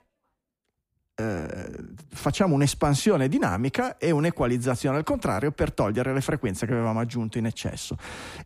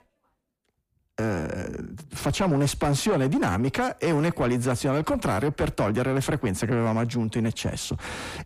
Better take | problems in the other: first | distortion; slight; 10 dB below the speech

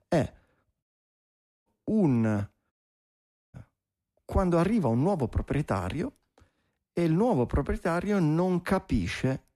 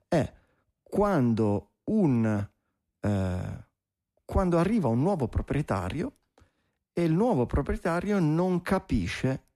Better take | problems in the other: second | audio cutting out; at 1 s for 1 s and at 2.5 s for 1 s

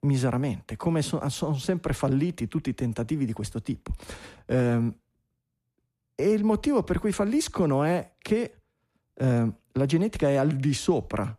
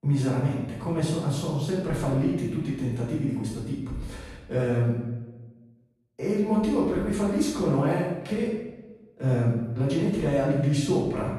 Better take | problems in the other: first | off-mic speech; far // room echo; noticeable; dies away in 0.8 s

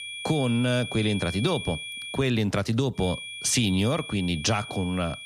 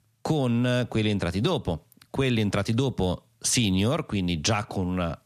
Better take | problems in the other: second | high-pitched whine; loud; until 2 s and from 3 s on; 2.5 kHz, 9 dB below the speech

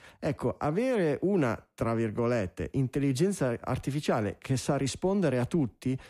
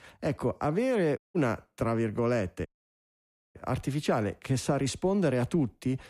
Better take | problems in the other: first | audio cutting out; at 1 s and at 2.5 s for 1 s

